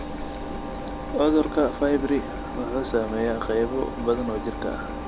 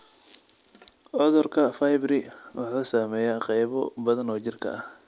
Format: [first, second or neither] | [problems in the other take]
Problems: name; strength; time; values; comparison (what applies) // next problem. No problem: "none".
second | background sound (Engine); 6 dB below the speech